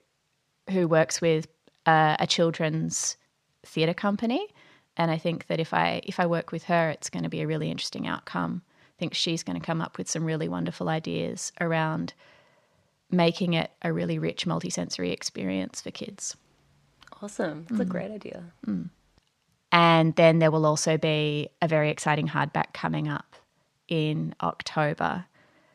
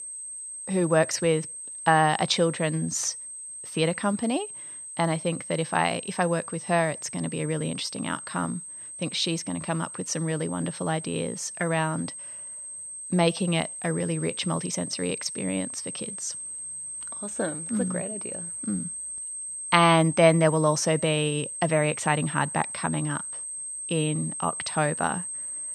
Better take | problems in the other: first | high-pitched whine; loud; throughout; 8.5 kHz, 8 dB below the speech

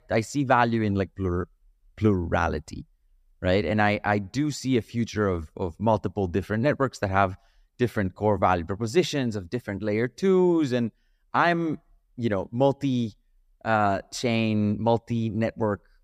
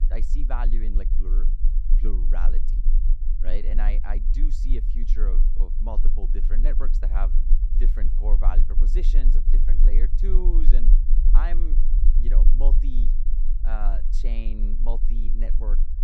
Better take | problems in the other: first | low rumble; loud; throughout; 9 dB below the speech

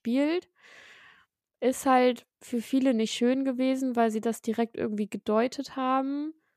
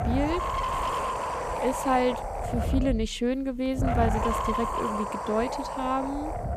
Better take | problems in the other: first | wind noise on the microphone; heavy; 1 dB above the speech

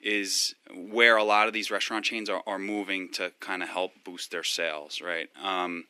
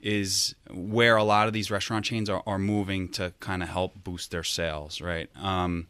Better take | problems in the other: second | thin; somewhat; fading below 250 Hz

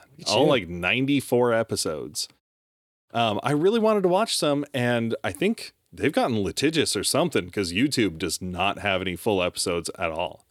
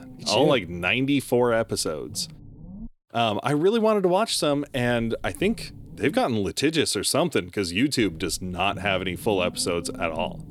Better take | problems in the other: first | low rumble; faint; until 3 s, from 4.5 to 6 s and from 8 s on; 25 dB below the speech

